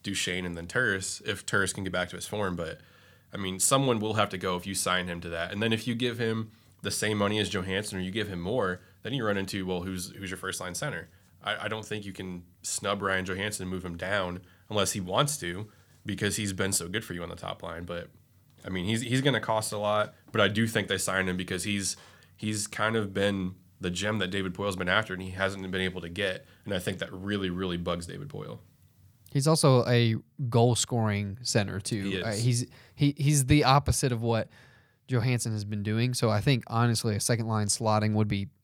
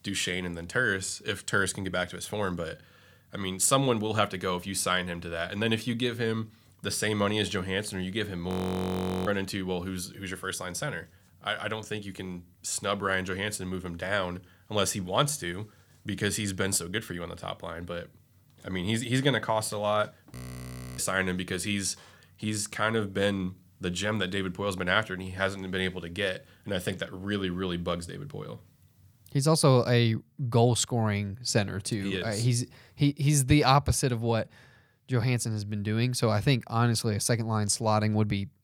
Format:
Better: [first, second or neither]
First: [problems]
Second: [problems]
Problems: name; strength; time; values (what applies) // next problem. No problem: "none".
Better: first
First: none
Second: audio freezing; at 8.5 s for 1 s and at 20 s for 0.5 s